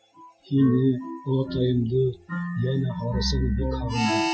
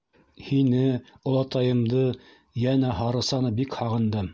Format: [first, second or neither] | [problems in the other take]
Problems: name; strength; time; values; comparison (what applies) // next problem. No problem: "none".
second | noise reduction (classical method Wiener filter)